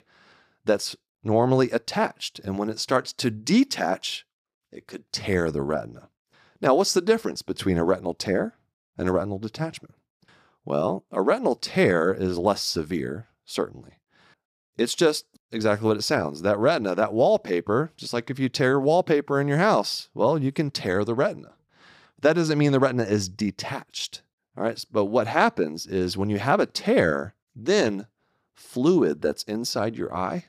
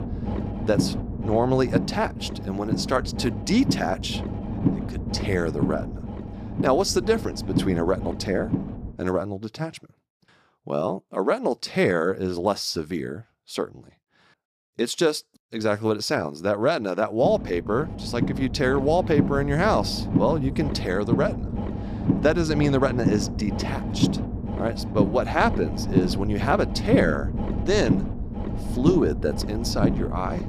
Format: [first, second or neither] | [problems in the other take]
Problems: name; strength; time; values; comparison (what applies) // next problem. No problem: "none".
first | low rumble; loud; until 9 s and from 17 s on; 8 dB below the speech